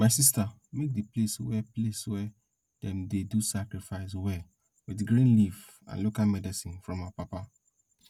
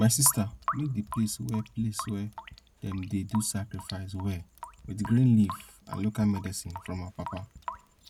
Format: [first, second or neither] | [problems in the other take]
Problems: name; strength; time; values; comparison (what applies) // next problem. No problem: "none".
first | background sound (Drip / Sink (filling or washing) / Water tap, faucet); 13 dB below the speech